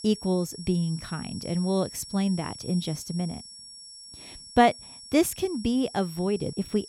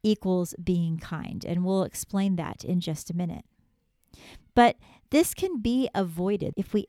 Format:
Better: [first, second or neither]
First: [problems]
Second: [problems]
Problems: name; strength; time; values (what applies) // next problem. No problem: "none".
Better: second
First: high-pitched whine; noticeable; throughout; 5.5 kHz, 15 dB below the speech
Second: none